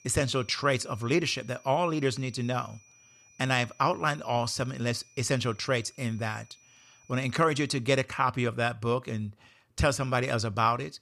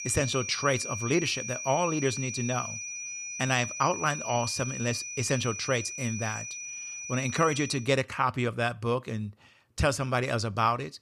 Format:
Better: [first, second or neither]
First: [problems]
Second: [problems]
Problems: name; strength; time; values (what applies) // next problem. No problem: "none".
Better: first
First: high-pitched whine; faint; until 8 s; 6 kHz, 30 dB below the speech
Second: high-pitched whine; loud; until 8 s; 6 kHz, 6 dB below the speech